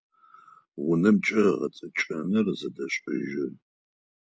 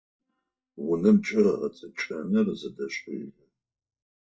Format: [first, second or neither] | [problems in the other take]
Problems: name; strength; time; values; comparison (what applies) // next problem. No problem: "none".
first | noise reduction (neural mask model DeepFilterNet 3)